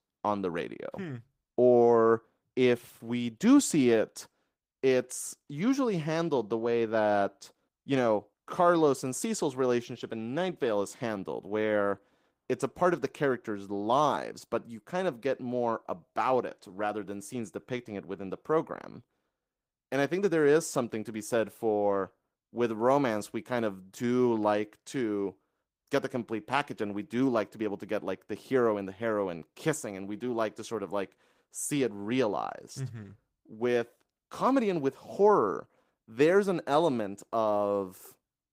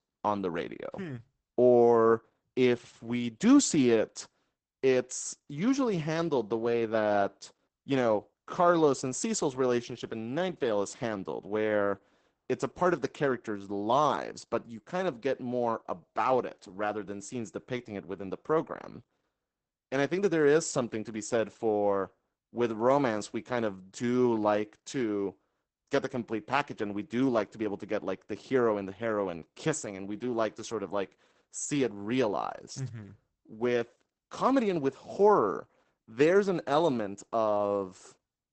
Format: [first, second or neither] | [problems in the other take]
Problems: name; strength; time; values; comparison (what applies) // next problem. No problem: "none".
first | garbled, watery; badly; nothing above 8 kHz; slightly in the first